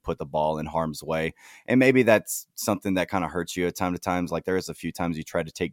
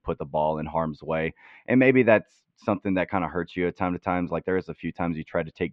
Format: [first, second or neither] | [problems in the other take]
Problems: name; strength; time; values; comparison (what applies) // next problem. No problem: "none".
first | muffled; very; fading above 3 kHz